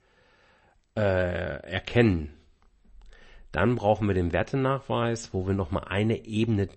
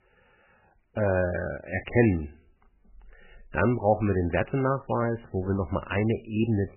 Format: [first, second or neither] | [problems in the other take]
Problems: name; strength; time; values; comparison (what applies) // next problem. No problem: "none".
first | garbled, watery; badly; nothing above 3 kHz; slightly in the first